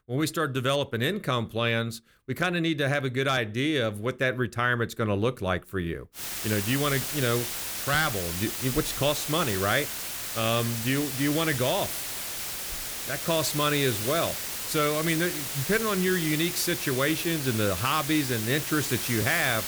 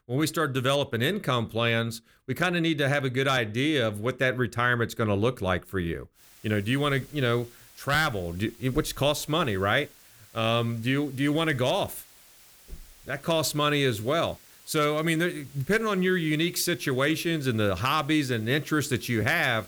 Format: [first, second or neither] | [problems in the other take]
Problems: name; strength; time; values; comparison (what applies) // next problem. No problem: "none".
second | hiss; loud; from 6 s on; 3 dB below the speech; faint in the second